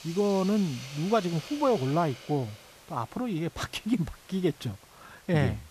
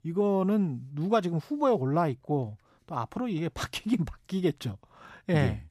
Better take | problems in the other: second | hiss; noticeable; throughout; 15 dB below the speech

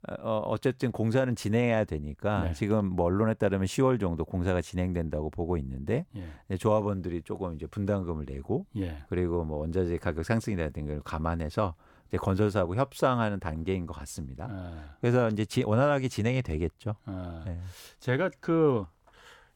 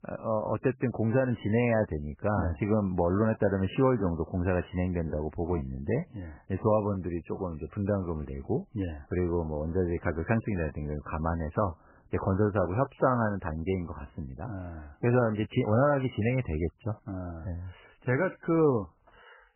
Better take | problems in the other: first | garbled, watery; badly; nothing above 3 kHz

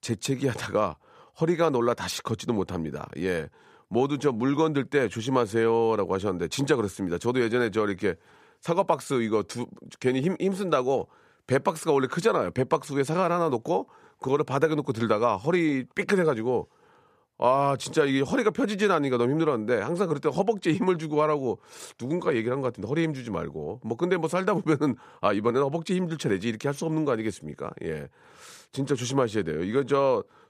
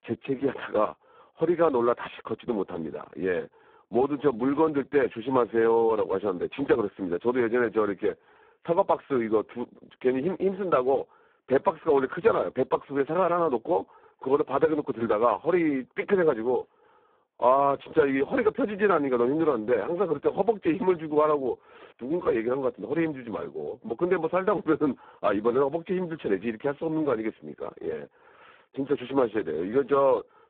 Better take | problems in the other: first | phone-call audio; poor line; nothing above 3.5 kHz

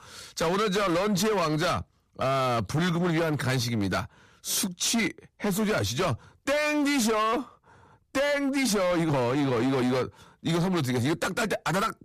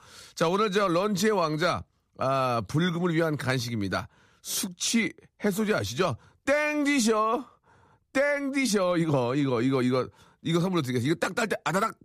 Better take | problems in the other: second | distortion; heavy; 24% of the sound clipped

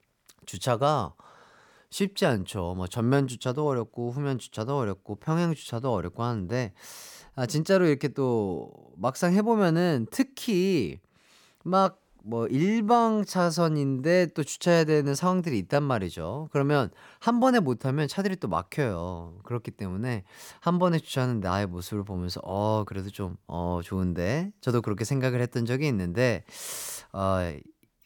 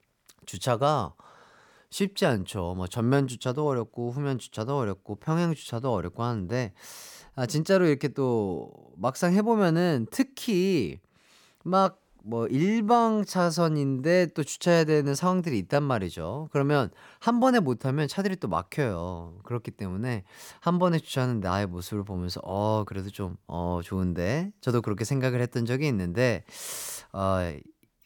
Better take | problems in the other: neither | none

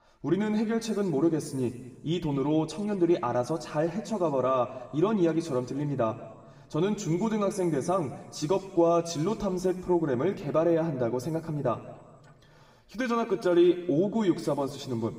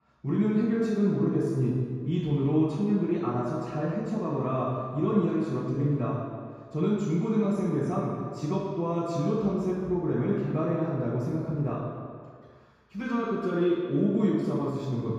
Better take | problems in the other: first | room echo; strong; dies away in 2 s; slight in the first // off-mic speech; far; somewhat distant in the first

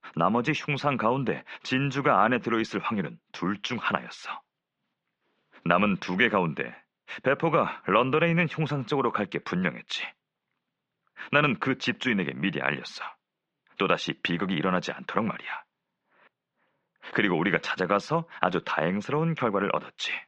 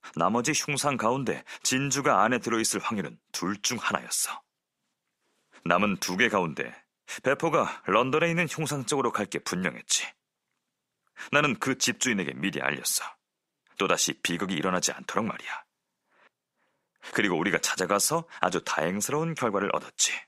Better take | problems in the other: second | muffled; very; fading above 3.5 kHz

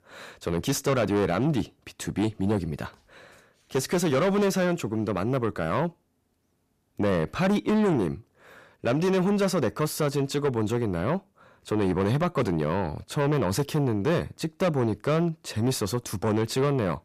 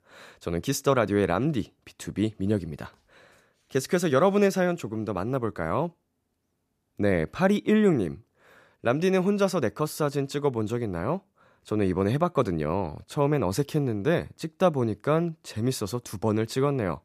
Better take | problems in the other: second | distortion; heavy; 8 dB below the speech

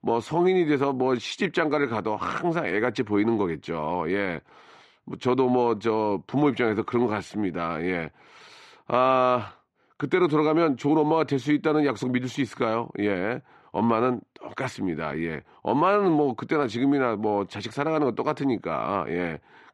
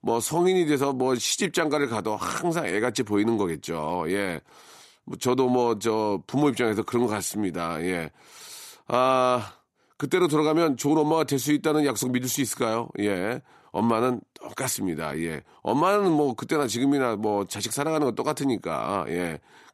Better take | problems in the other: second | muffled; slightly; fading above 2.5 kHz

